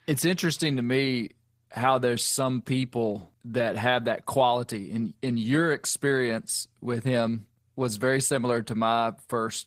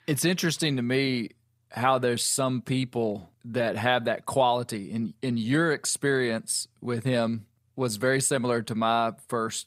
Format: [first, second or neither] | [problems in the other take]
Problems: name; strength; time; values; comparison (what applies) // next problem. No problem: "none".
second | garbled, watery; slightly; nothing above 15.5 kHz